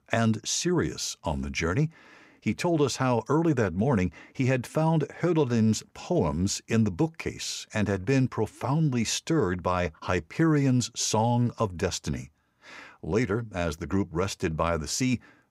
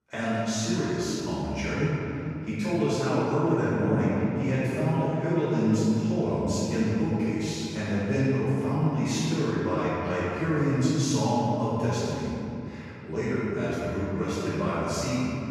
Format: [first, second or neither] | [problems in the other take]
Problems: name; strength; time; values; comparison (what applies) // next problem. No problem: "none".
first | room echo; strong; dies away in 2.6 s // off-mic speech; far